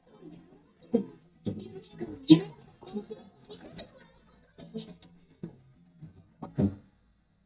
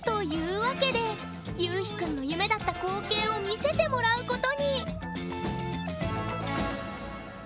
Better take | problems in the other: second | noise reduction (neural mask model DeepFilterNet 3)

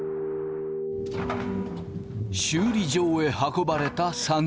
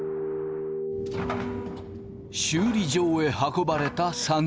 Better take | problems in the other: second | background sound (Bass guitar); 7 dB below the speech

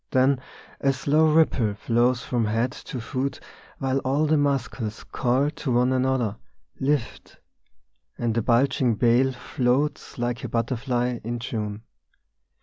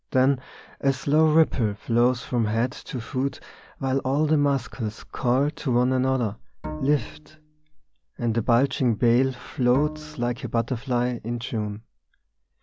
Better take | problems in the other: first | background sound (Bowed string instrument); 14 dB below the speech

